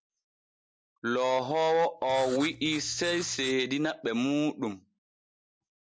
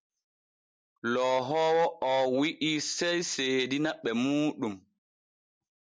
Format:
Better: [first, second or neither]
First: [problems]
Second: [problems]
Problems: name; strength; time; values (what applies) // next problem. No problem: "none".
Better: second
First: background sound (Writing); 15 dB below the speech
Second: none